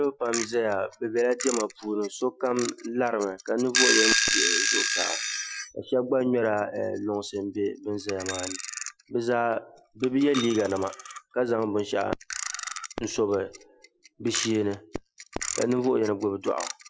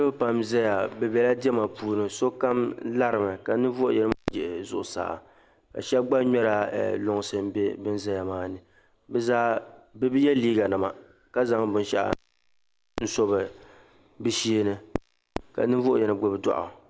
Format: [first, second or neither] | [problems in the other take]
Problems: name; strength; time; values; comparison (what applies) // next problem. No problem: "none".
second | noise reduction (classical method Wiener filter)